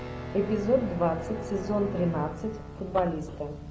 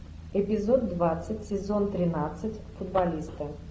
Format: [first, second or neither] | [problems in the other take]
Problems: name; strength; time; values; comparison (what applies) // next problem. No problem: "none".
second | background sound (Bowed string instrument + Guitar); 10 dB below the speech